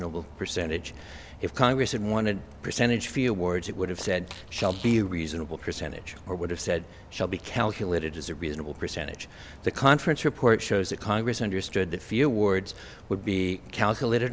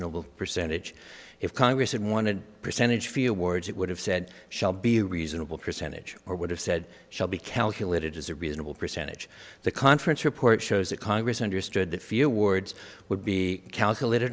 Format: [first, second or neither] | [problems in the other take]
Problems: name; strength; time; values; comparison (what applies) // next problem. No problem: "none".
second | background sound (Rain + Fart); 18 dB below the speech